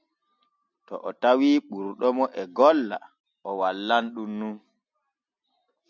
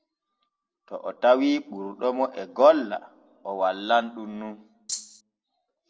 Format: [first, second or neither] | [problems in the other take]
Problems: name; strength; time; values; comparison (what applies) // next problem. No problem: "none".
first | noise reduction (neural separator model SepFormer DNS4)